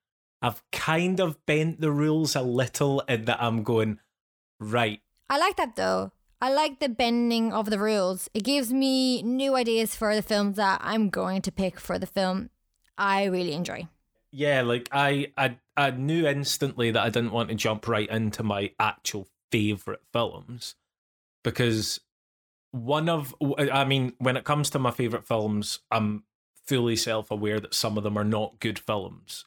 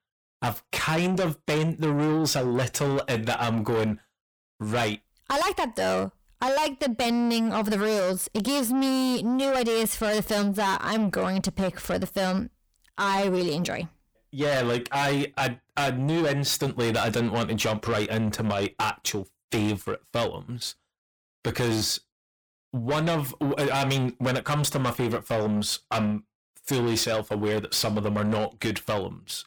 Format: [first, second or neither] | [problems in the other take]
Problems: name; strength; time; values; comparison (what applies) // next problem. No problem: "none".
first | distortion; heavy; 7 dB below the speech